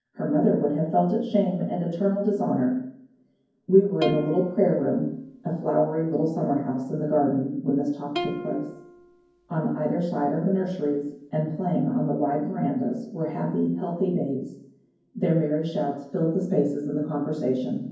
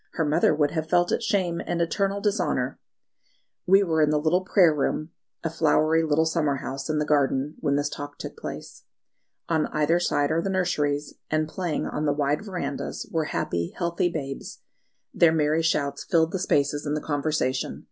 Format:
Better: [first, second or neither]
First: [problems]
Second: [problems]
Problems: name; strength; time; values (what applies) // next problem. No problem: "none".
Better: second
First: background sound (Plucked string instrument); 13 dB below the speech // room echo; dies away in 0.9 s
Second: none